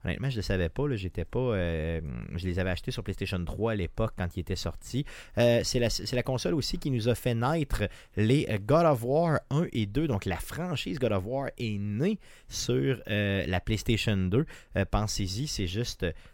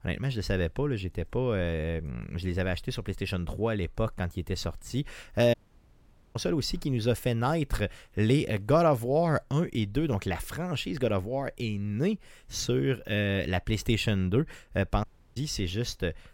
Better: first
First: none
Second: audio cutting out; at 5.5 s for 1 s and at 15 s

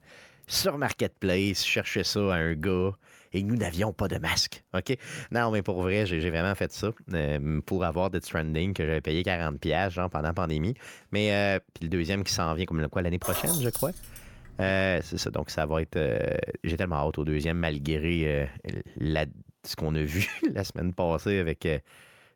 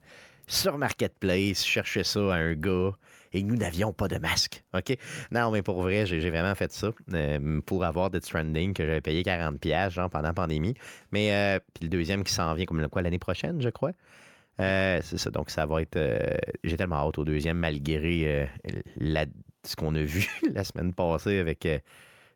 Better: second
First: jangling keys; loud; from 13 to 14 s; peak 1 dB above the speech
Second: none

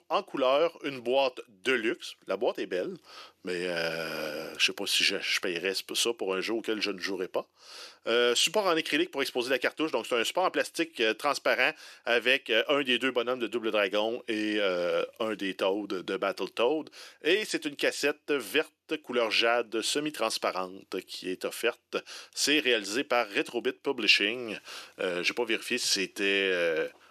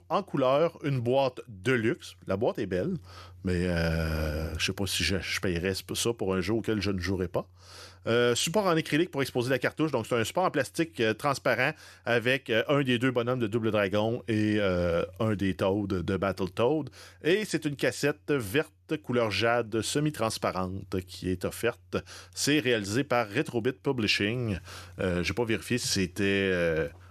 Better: second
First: thin; somewhat; fading below 300 Hz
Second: none

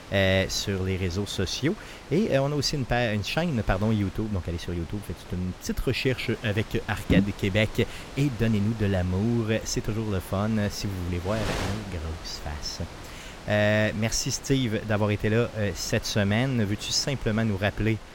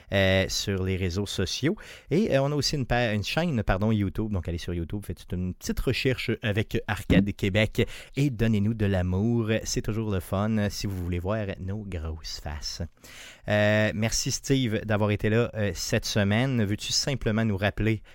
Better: second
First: wind noise on the microphone; occasional gusts; 15 dB below the speech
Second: none

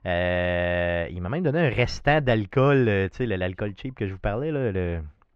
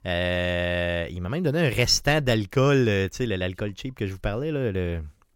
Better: second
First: muffled; very; fading above 2 kHz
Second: none

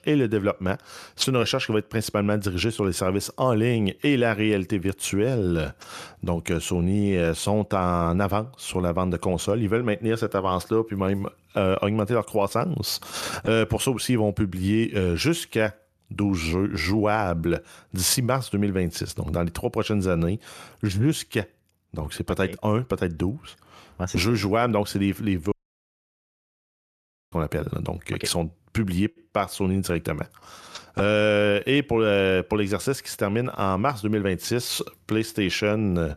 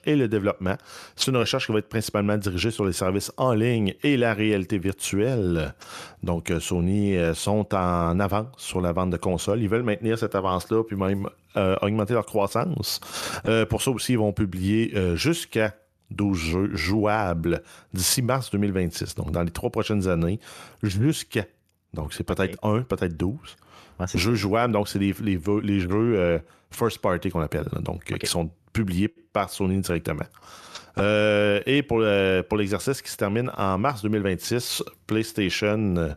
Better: second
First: audio cutting out; at 26 s for 2 s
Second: none

